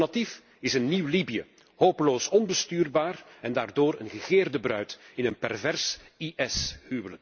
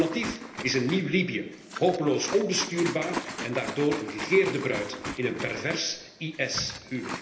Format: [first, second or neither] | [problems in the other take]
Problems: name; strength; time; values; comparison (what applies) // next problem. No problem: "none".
first | background sound (Liquid); 10 dB below the speech // room echo; dies away in 0.8 s